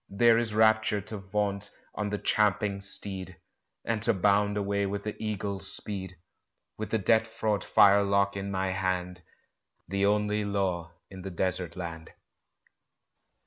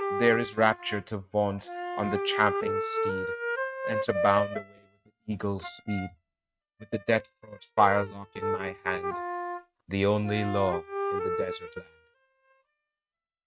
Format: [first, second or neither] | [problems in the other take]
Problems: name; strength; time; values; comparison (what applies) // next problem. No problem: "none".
first | noise reduction (neural mask model RNNoise)